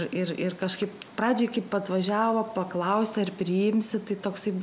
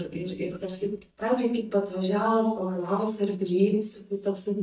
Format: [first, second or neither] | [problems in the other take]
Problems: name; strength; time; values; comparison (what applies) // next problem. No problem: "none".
first | noise reduction (neural mask model DeepFilterNet 3)